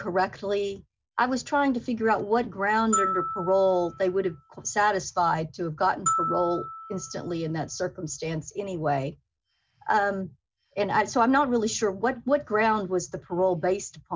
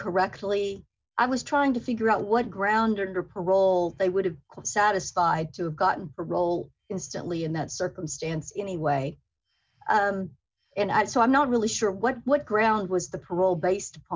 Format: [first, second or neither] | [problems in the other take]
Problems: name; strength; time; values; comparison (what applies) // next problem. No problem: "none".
second | background sound (Glockenspiel); 7 dB below the speech